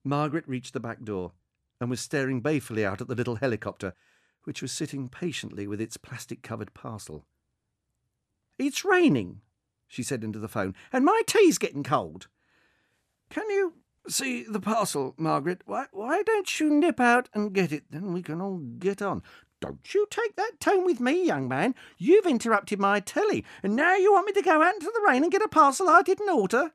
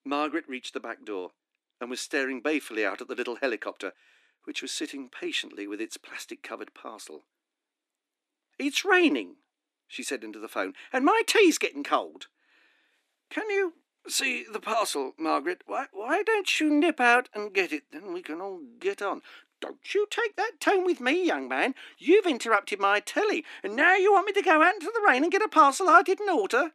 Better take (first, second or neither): first